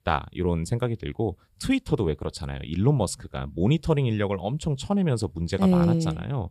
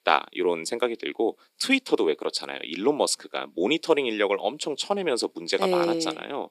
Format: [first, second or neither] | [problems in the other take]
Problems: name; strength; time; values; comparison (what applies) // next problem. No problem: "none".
first | thin; somewhat; fading below 300 Hz